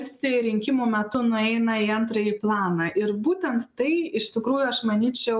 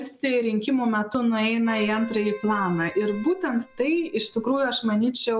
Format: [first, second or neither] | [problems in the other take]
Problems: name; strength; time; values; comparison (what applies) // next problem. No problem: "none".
first | background sound (Keyboard (musical)); 19 dB below the speech